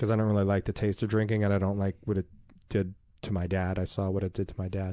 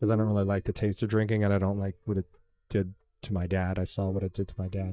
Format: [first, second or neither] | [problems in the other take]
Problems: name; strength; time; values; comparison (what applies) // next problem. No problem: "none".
first | noise reduction (neural mask model DeepFilterNet 3)